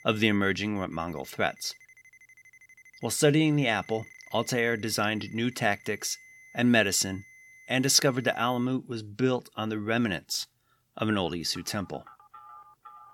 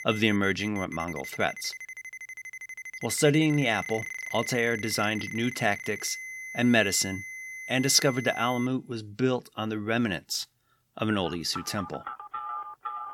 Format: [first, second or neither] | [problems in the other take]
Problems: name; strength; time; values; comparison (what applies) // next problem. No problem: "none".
first | alarms or sirens; loud; throughout; 10 dB below the speech; faint in the first